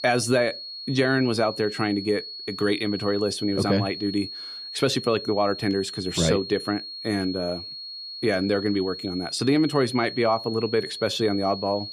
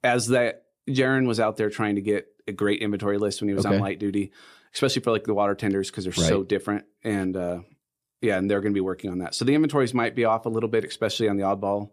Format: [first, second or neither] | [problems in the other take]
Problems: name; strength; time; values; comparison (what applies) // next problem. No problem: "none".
second | high-pitched whine; loud; throughout; 4.5 kHz, 9 dB below the speech